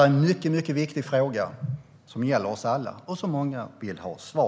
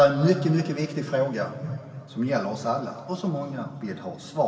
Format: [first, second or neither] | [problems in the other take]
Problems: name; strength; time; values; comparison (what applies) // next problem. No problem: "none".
first | room echo; dies away in 2.6 s